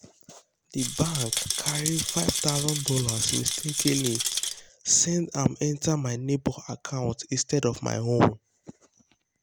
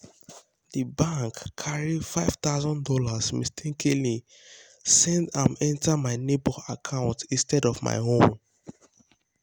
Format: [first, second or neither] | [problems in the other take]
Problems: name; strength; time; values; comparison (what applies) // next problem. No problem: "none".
second | background sound (Rattle); 2 dB below the speech